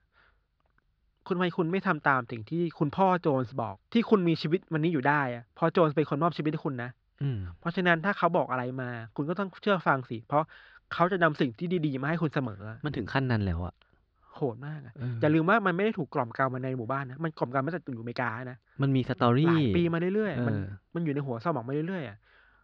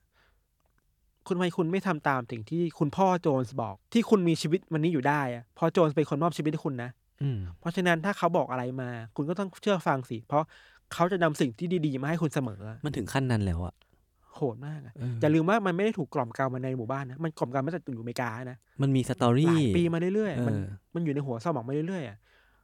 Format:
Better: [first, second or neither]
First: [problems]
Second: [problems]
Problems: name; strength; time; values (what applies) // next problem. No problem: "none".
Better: second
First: muffled; very slightly; fading above 4.5 kHz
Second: none